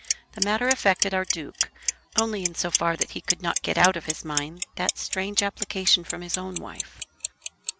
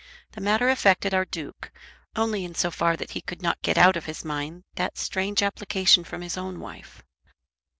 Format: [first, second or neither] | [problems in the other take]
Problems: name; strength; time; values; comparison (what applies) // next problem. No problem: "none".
second | background sound (Clock); 3 dB below the speech